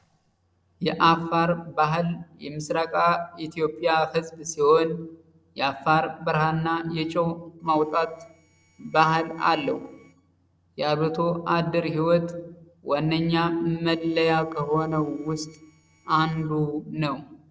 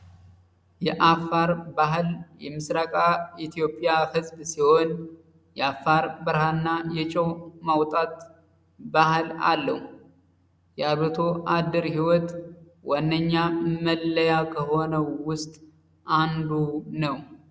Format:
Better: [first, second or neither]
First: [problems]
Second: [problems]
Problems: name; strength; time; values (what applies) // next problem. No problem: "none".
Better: second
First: noise reduction (neural separator model SepFormer DNS4)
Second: none